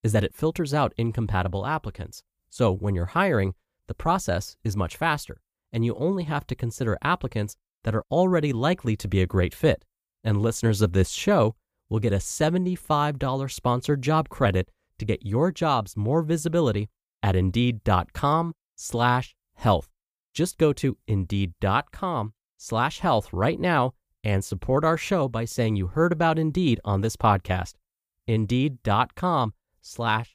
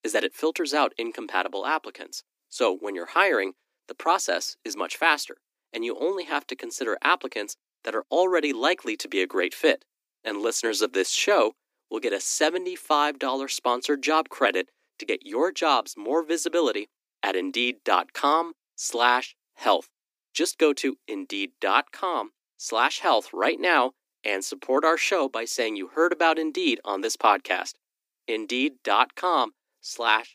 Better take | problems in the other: first | thin; somewhat; fading below 250 Hz

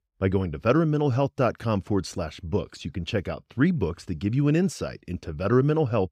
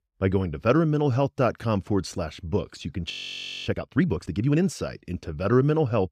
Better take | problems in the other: first | audio freezing; at 3 s for 0.5 s

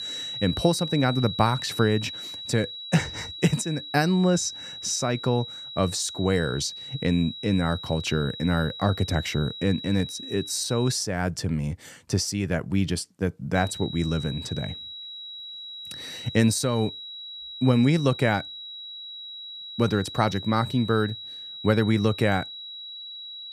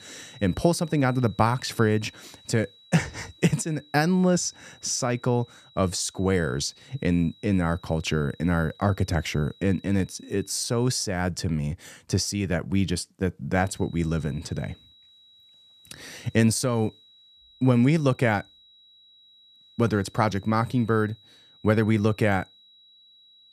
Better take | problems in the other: second | high-pitched whine; loud; until 11 s and from 14 s on; 4 kHz, 10 dB below the speech; faint in the second

